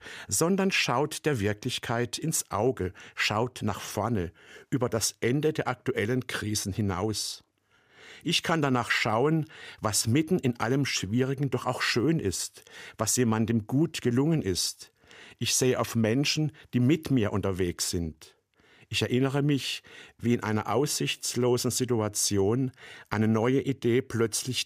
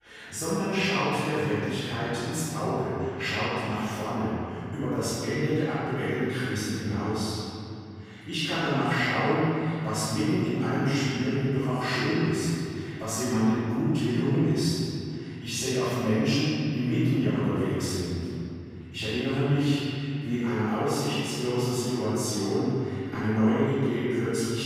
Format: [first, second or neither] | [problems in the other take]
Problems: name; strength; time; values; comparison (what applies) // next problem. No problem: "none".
first | off-mic speech; far // room echo; strong; dies away in 2.7 s